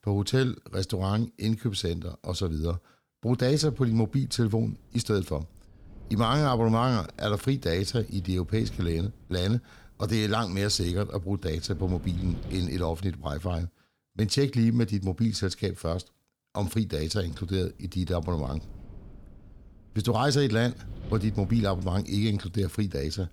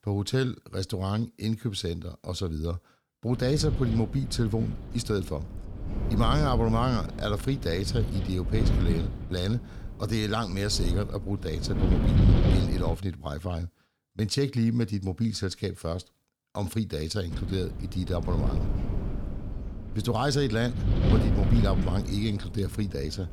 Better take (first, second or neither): first